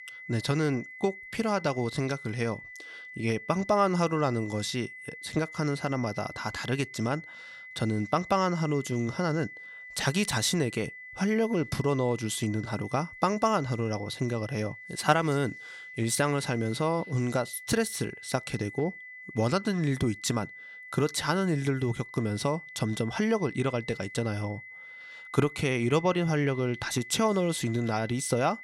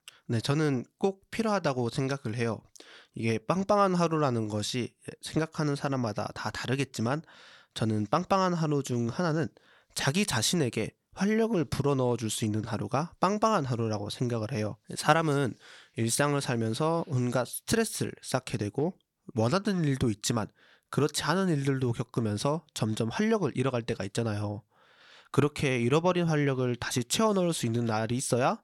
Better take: second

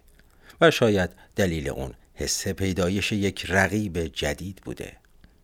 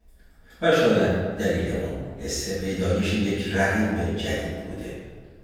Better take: first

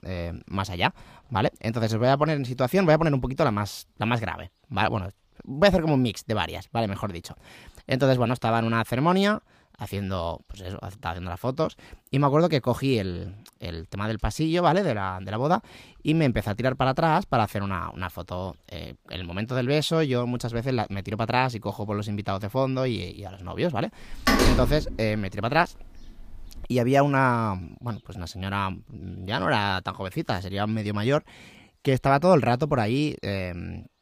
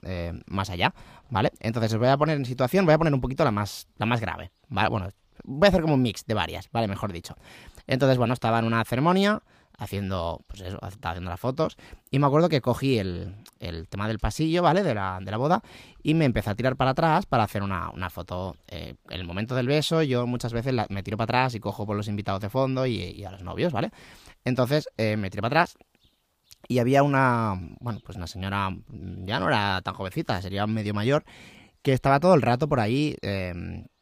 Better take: second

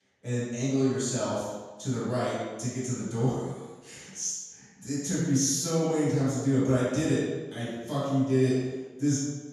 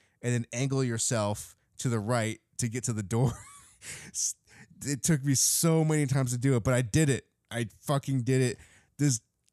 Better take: second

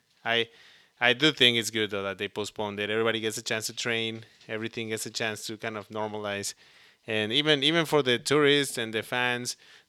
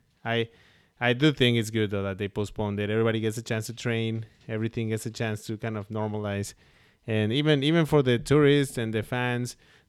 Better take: second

